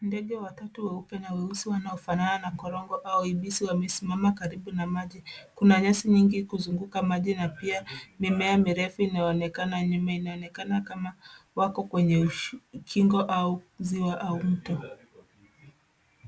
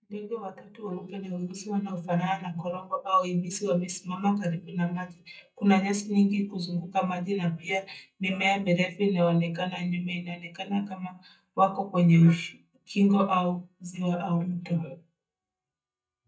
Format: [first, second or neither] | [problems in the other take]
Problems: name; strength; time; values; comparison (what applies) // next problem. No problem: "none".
first | noise reduction (neural mask model DeepFilterNet 3)